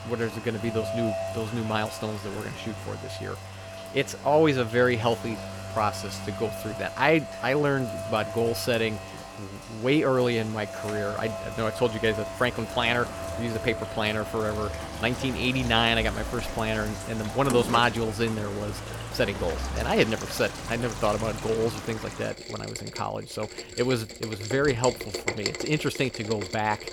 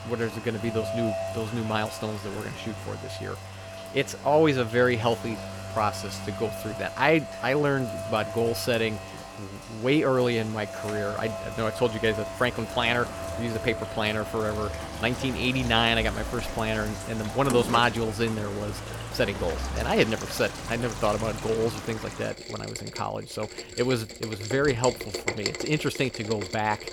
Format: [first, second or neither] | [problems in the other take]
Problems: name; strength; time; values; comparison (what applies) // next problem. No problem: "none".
neither | rain or running water; loud; throughout; 8 dB below the speech; the same in both